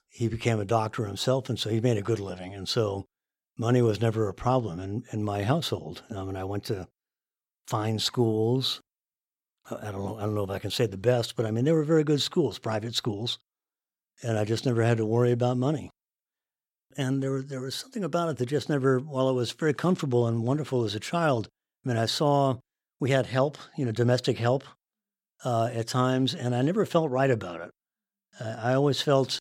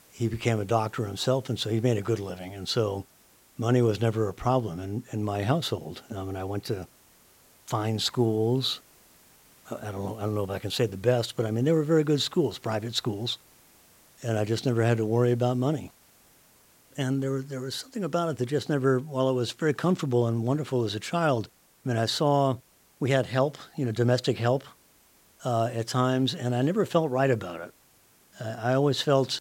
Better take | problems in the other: first | hiss; faint; throughout; 30 dB below the speech

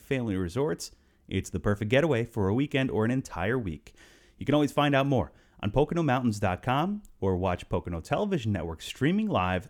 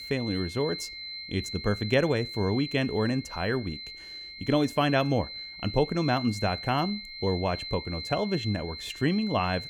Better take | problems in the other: first | high-pitched whine; loud; throughout; 4 kHz, 9 dB below the speech

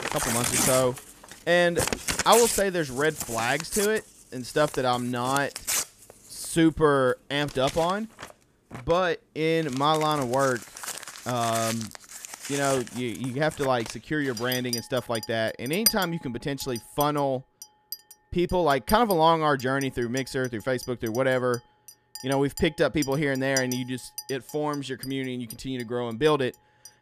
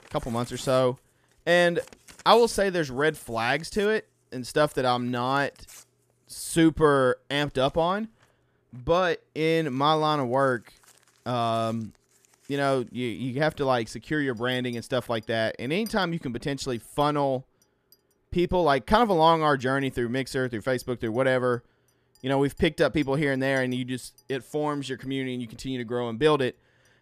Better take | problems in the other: second | household noises; loud; throughout; 6 dB below the speech; faint in the second

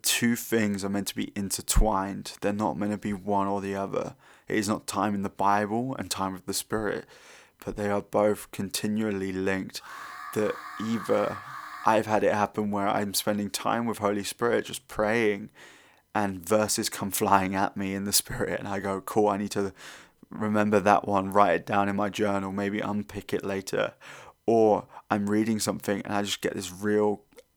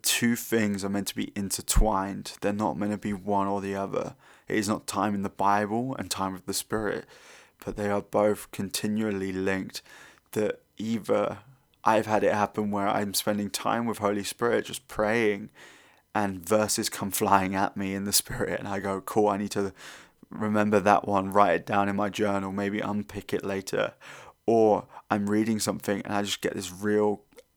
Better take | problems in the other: second | alarm; faint; from 10 to 12 s; peak 10 dB below the speech

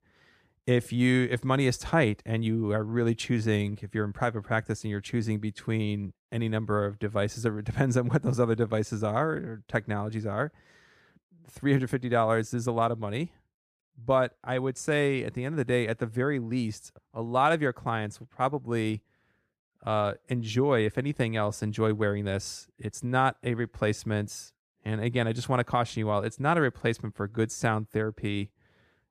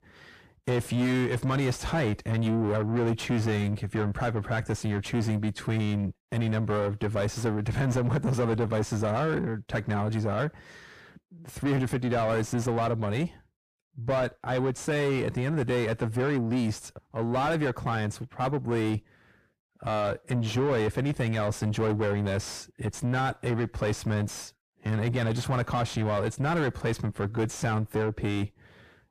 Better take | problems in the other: first | distortion; heavy; 6 dB below the speech

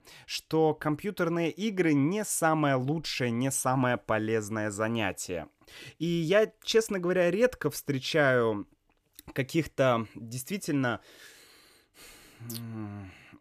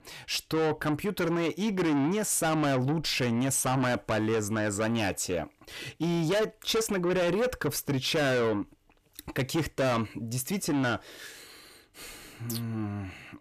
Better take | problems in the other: first | distortion; heavy; 6 dB below the speech

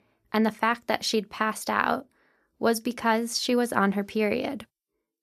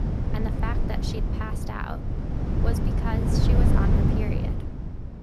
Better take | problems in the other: first | wind noise on the microphone; heavy; 1 dB above the speech

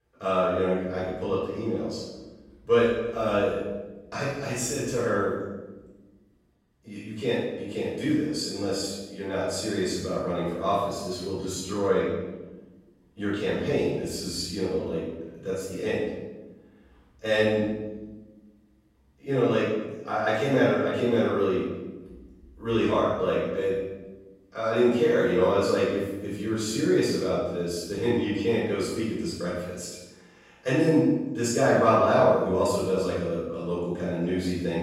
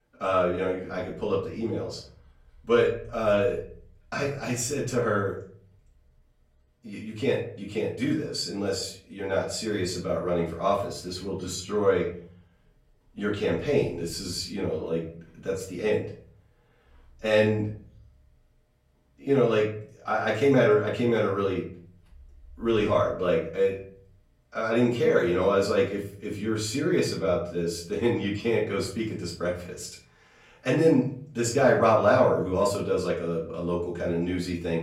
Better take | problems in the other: second | room echo; strong; dies away in 1 s; slight in the second // off-mic speech; far; far in the second

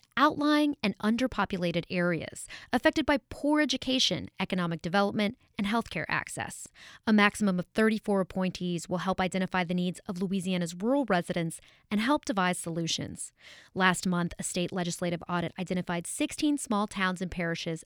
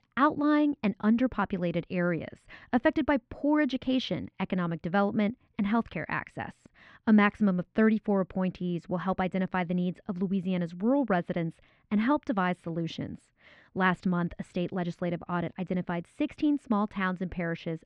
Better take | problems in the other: first | muffled; very; fading above 2 kHz

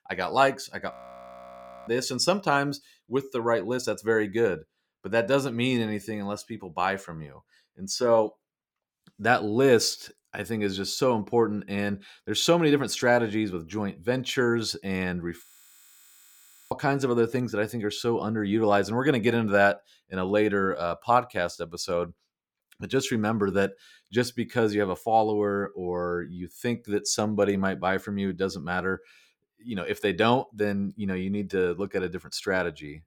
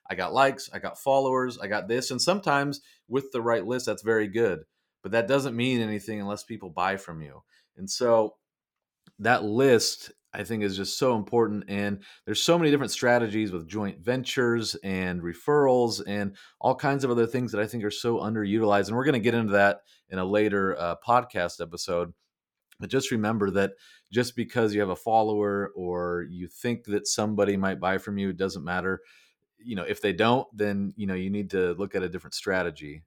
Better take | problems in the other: second | audio freezing; at 1 s for 1 s and at 15 s for 1.5 s

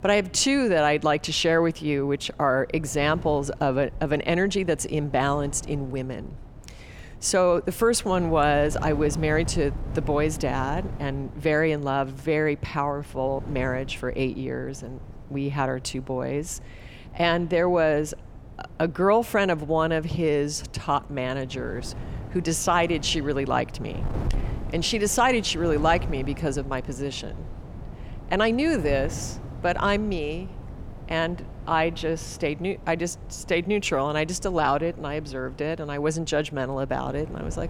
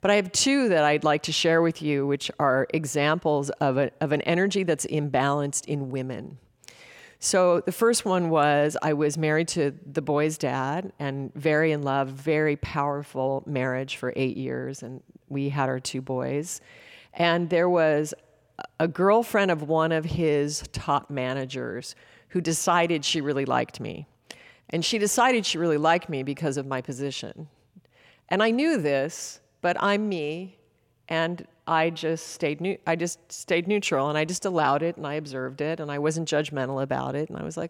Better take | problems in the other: second | wind noise on the microphone; occasional gusts; 20 dB below the speech

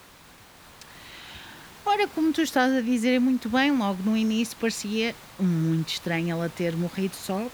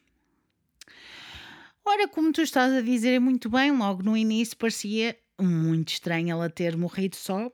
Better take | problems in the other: second | hiss; faint; throughout; 20 dB below the speech

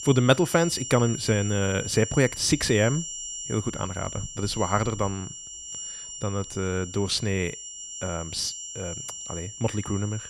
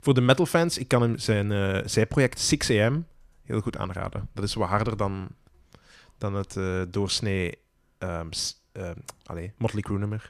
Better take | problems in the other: second | high-pitched whine; loud; throughout; 7.5 kHz, 9 dB below the speech

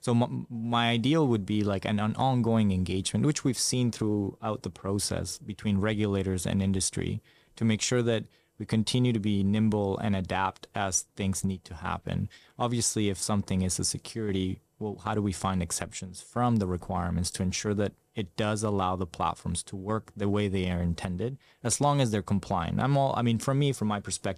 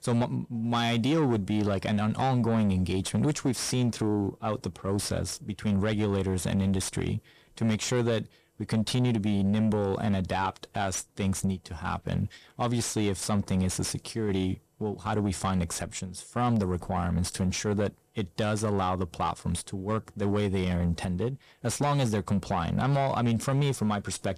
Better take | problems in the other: first | distortion; slight; 10 dB below the speech

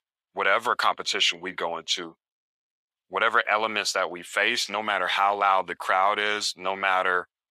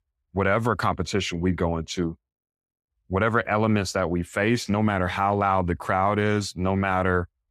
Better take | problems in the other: second | thin; very; fading below 700 Hz

